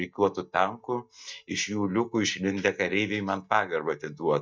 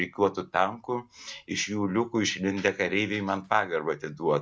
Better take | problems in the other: second | noise reduction (neural mask model DeepFilterNet 3)

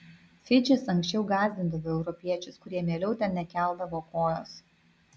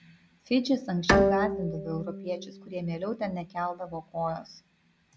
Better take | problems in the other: first | background sound (Bowed string instrument); 1 dB above the speech

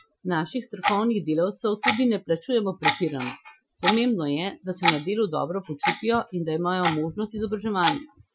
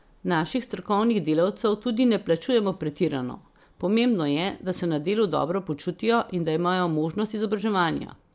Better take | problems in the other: second | noise reduction (classical method Wiener filter)

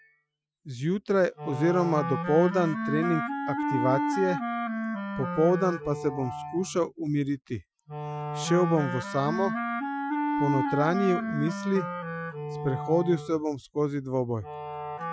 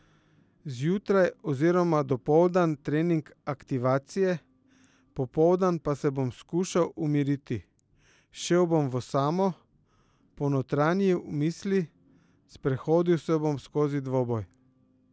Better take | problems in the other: second | noise reduction (classical method Wiener filter)

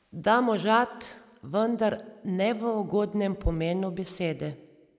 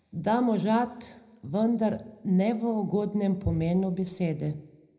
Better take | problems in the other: first | room echo; dies away in 0.4 s

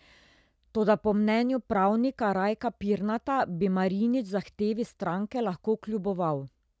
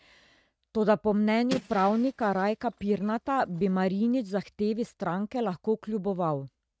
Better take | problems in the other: first | noise reduction (neural mask model RNNoise)

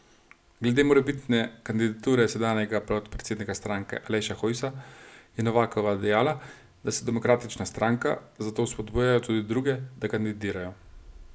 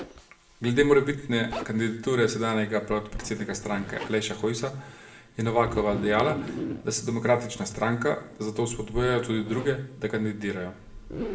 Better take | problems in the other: first | background sound (Zipper (clothing)); 13 dB below the speech // room echo; dies away in 1 s

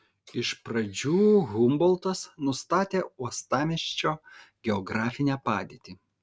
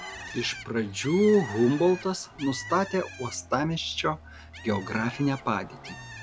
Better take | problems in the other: first | background sound (Vehicle + Bird); 15 dB below the speech

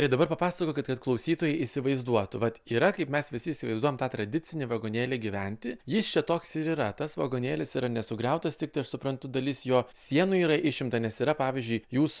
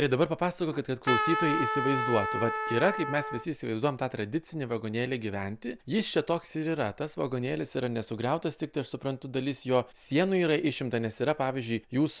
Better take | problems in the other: first | background sound (Trumpet); 2 dB below the speech

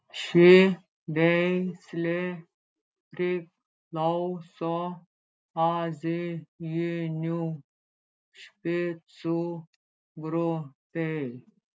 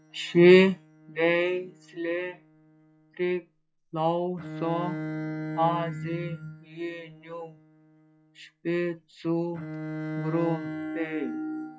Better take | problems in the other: first | noise reduction (classical method log-MMSE)

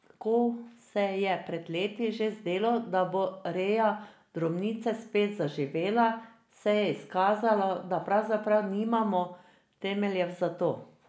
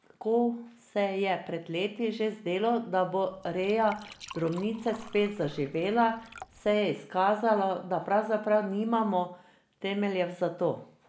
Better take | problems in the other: first | background sound (Liquid); 19 dB below the speech

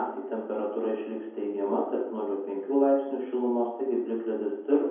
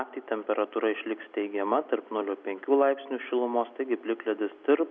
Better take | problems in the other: second | room echo; dies away in 0.9 s

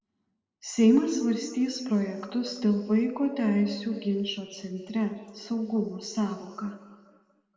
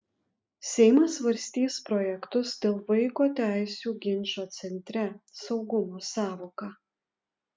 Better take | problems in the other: second | room echo; dies away in 1.8 s

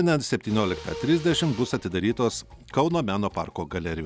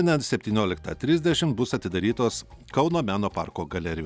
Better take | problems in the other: second | background sound (Mechanisms); 17 dB below the speech

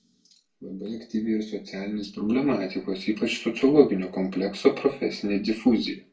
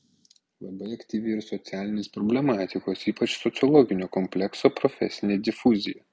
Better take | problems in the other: second | room echo; dies away in 0.3 s

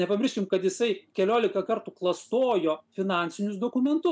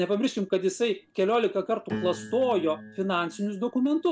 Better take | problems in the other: first | background sound (Piano); 16 dB below the speech

